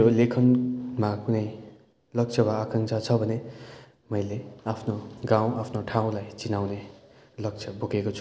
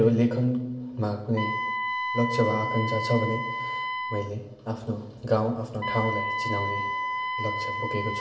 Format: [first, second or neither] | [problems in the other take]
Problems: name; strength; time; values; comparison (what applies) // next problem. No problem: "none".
first | background sound (Wind instrument, woodwind instrument); 3 dB below the speech // room echo; dies away in 0.7 s